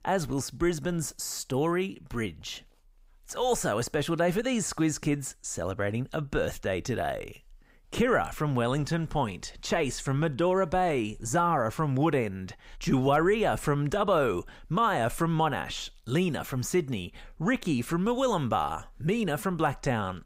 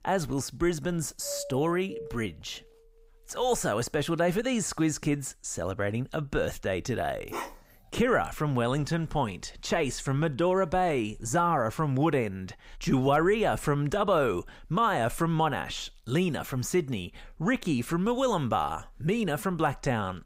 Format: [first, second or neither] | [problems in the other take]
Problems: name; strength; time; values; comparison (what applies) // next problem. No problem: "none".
first | doorbell; faint; from 1 to 2.5 s; peak 10 dB below the speech // dog barking; noticeable; at 7.5 s; peak 9 dB below the speech